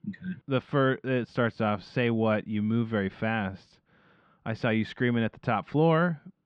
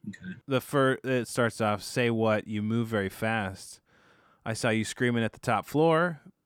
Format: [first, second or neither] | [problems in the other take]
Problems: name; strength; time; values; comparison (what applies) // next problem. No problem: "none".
second | muffled; slightly; fading above 4 kHz